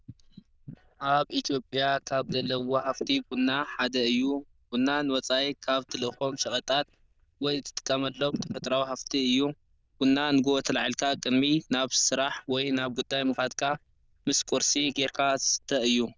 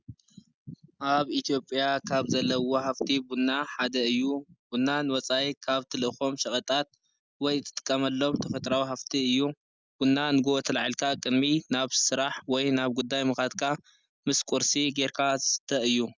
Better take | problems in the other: second | noise reduction (neural diffusion model UNIVERSE++)

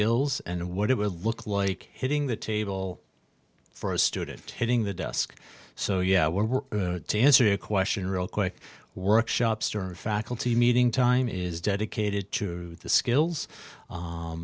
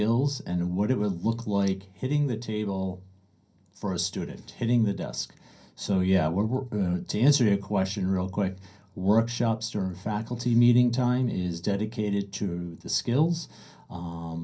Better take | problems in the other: first | room echo; dies away in 0.3 s

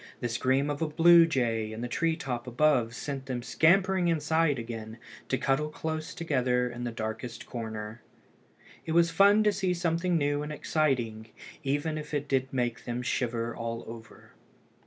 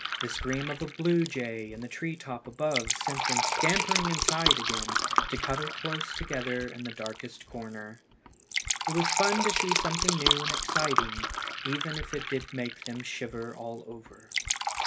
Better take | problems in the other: first | background sound (Fill (with liquid)); 2 dB above the speech

